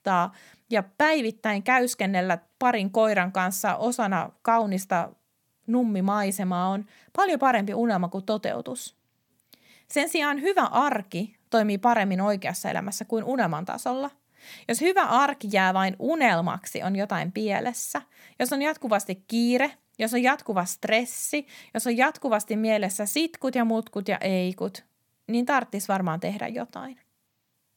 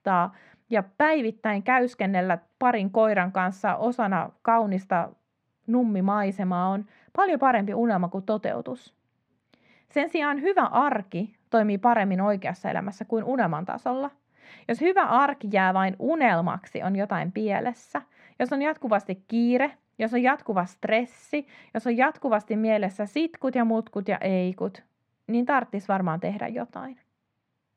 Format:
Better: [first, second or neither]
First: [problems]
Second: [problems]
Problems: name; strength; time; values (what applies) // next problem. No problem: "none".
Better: first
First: none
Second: muffled; very; fading above 2 kHz